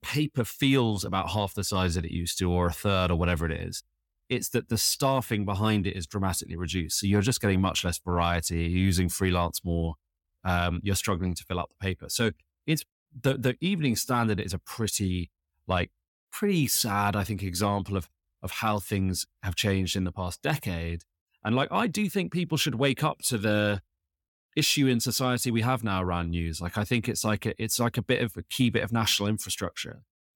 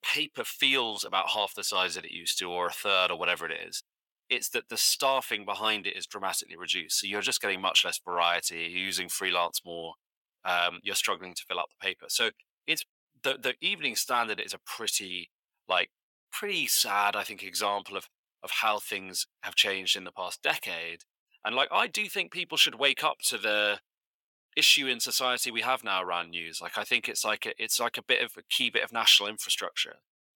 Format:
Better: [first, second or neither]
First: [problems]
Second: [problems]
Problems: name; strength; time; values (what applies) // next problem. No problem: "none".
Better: first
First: none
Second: thin; very; fading below 650 Hz